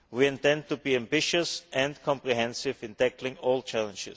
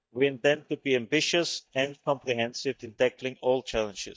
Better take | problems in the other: first | noise reduction (neural mask model DeepFilterNet 3)

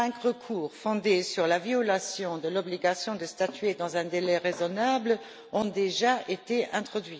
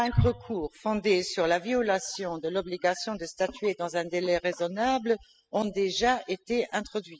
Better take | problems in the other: first | noise reduction (classical method spectral subtraction)

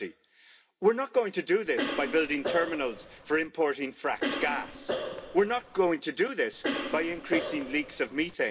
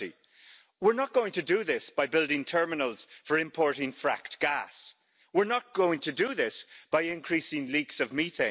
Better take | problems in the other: second | background sound (Cough); 6 dB below the speech // room echo; dies away in 0.3 s

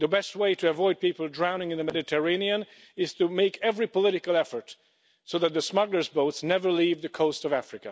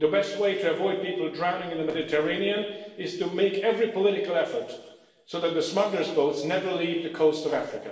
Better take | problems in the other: first | room echo; dies away in 1.2 s

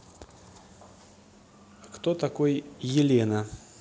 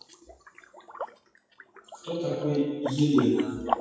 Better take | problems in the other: first | noise reduction (classical method WPE with log-MMSE)

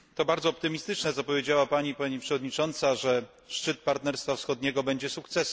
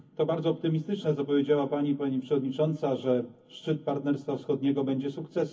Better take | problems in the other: first | room echo; dies away in 0.3 s

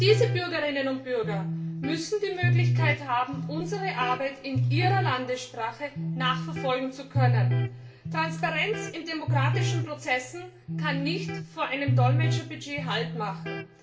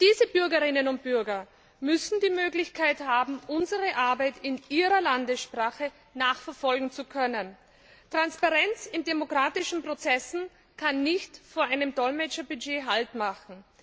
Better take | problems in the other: second | background sound (Electric guitar); 1 dB above the speech // room echo; dies away in 0.4 s

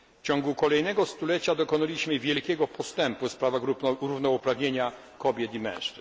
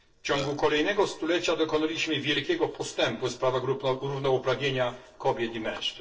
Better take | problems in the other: first | noise reduction (neural separator model SepFormer DNS4)

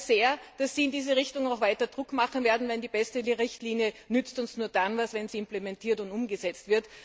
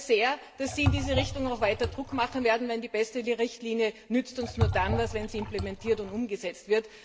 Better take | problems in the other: first | background sound (Liquid); 4 dB below the speech // room echo; dies away in 1.2 s

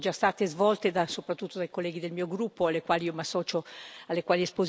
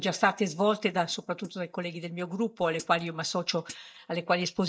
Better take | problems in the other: first | noise reduction (neural mask model DeepFilterNet 3)

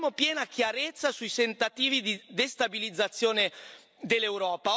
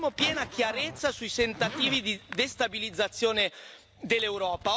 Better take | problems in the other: first | background sound (Zipper (clothing)); 13 dB below the speech

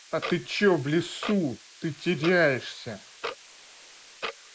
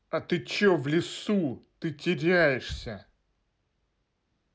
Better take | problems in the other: second | noise reduction (neural mask model Resemble Enhance denoiser)

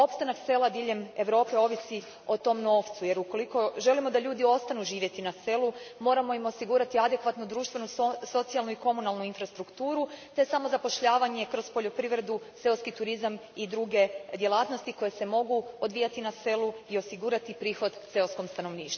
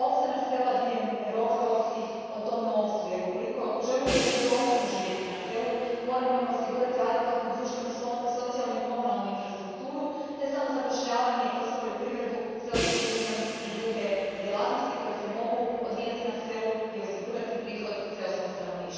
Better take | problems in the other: first | background sound (Crash cymbal); 11 dB below the speech // room echo; dies away in 2.1 s

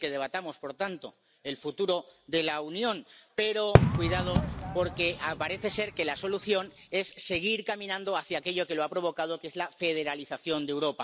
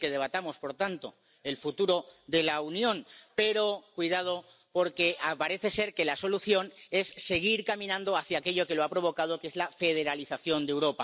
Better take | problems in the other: second | background sound (Fireworks); 2 dB above the speech

